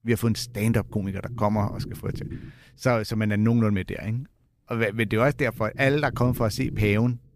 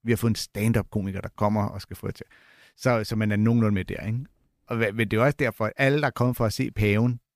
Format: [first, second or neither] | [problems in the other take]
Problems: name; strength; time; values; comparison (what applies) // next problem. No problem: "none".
second | low rumble; faint; throughout; 20 dB below the speech